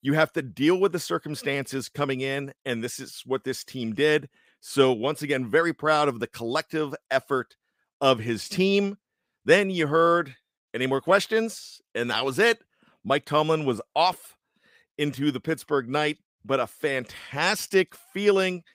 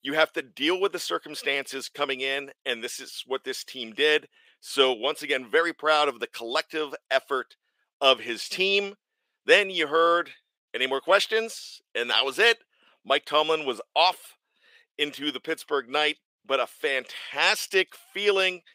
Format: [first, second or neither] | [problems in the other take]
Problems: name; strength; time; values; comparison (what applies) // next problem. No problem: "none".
first | thin; somewhat; fading below 500 Hz